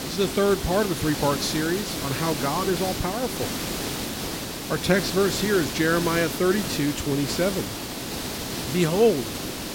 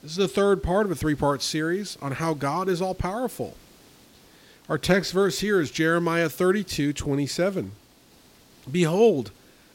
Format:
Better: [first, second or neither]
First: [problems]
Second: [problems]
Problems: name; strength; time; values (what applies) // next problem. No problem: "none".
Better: second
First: hiss; loud; throughout; 5 dB below the speech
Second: hiss; faint; throughout; 30 dB below the speech